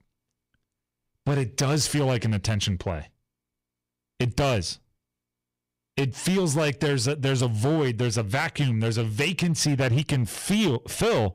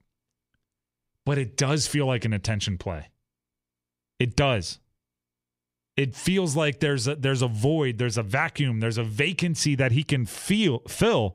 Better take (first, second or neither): second